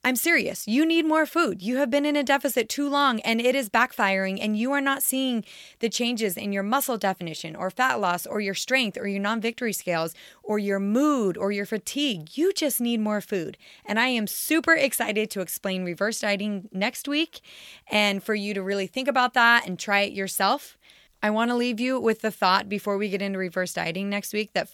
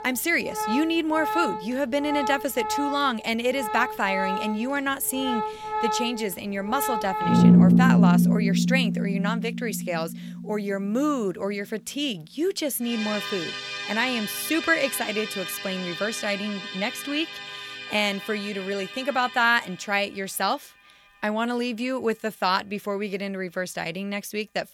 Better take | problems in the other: first | background music; very loud; throughout; 1 dB above the speech

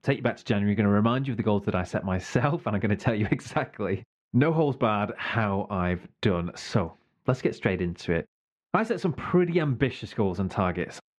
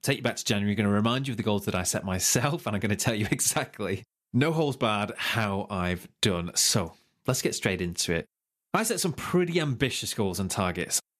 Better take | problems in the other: second | muffled; very; fading above 2 kHz

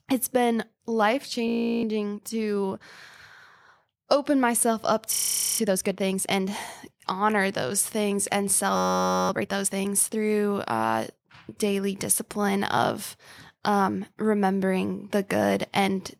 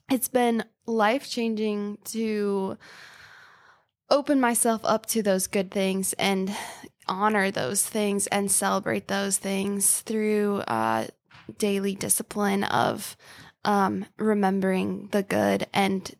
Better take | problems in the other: second | audio freezing; at 1.5 s, at 5 s and at 9 s for 0.5 s

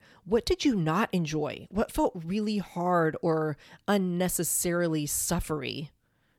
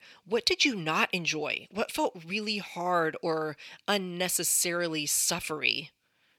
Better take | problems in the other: first | thin; very slightly; fading below 450 Hz

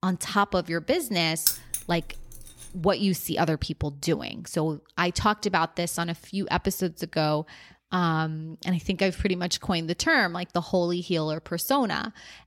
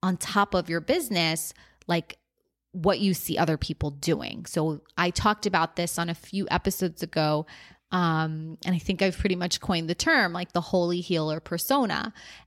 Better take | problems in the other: second | jangling keys; loud; at 1.5 s; peak 2 dB above the speech

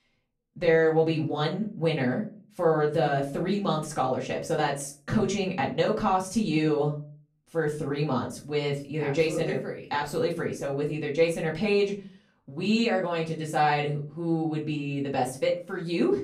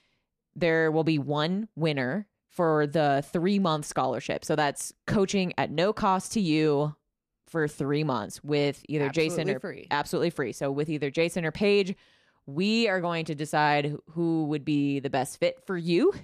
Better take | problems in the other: second | room echo; slight; dies away in 0.3 s // off-mic speech; far

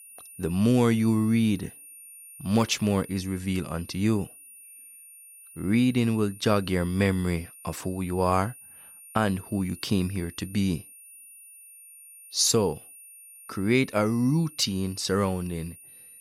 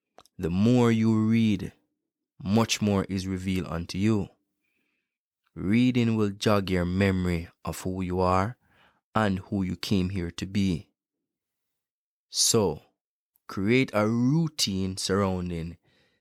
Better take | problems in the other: second | high-pitched whine; noticeable; throughout; 9.5 kHz, 20 dB below the speech

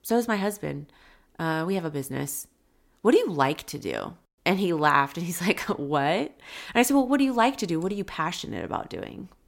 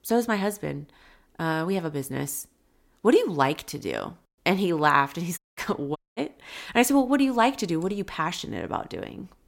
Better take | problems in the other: first | audio cutting out; at 5.5 s and at 6 s

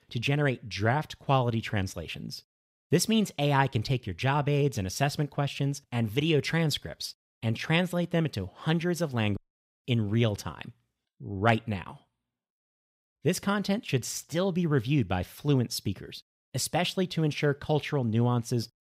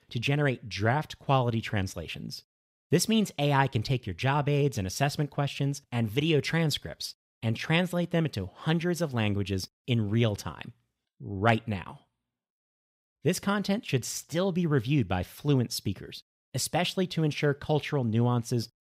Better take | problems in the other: second | audio cutting out; at 9.5 s

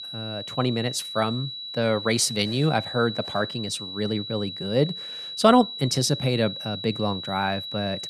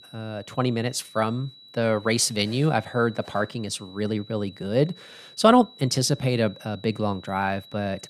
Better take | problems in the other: second | high-pitched whine; loud; throughout; 4 kHz, 8 dB below the speech; faint in the second

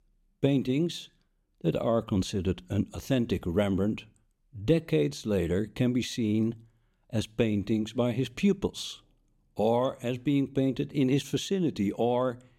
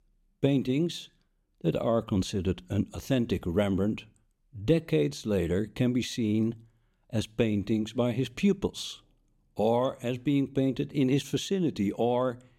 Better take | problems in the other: neither | none

